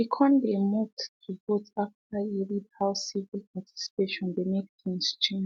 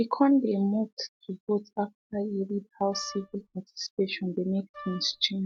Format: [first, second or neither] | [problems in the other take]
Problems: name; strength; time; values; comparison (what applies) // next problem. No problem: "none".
first | background sound (Wind instrument, woodwind instrument); 17 dB below the speech